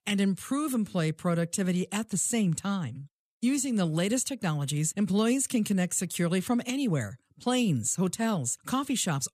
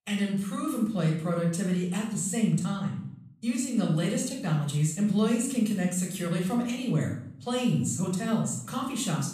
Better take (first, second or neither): first